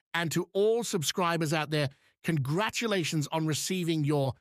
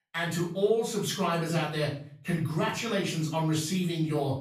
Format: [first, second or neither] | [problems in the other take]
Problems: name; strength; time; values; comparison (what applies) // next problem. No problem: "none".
first | room echo; noticeable; dies away in 0.4 s // off-mic speech; far